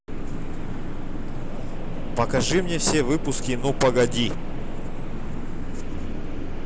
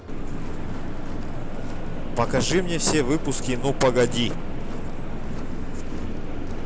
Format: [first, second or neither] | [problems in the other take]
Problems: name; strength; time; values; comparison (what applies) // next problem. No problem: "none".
first | background sound (Crowd); 17 dB below the speech